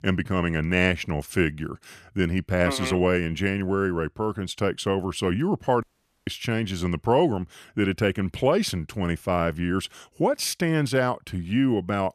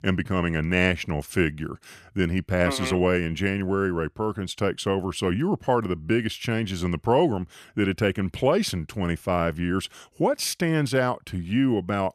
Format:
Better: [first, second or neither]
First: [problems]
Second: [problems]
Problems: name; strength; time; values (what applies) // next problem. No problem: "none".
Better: second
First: audio cutting out; at 6 s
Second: none